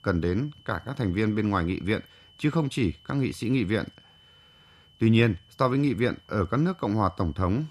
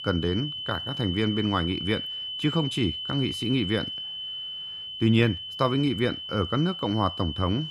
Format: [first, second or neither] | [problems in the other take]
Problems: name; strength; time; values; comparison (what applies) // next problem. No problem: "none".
first | high-pitched whine; loud; throughout; 3 kHz, 6 dB below the speech; faint in the first